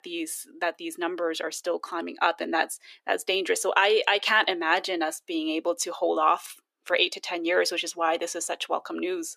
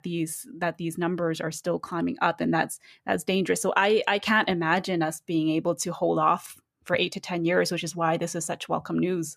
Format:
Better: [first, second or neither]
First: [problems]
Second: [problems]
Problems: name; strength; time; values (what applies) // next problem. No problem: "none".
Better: second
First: thin; very; fading below 350 Hz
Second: none